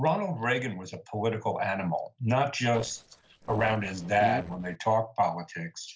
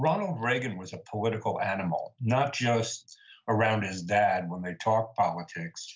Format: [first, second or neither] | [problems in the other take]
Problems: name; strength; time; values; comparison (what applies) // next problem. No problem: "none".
second | noise reduction (neural separator model SepFormer DNS4)